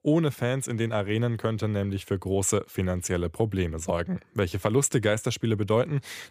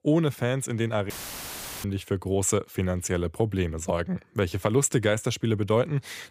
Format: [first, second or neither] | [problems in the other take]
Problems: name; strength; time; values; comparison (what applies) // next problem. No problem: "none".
first | audio cutting out; filled with static; at 1 s for 0.5 s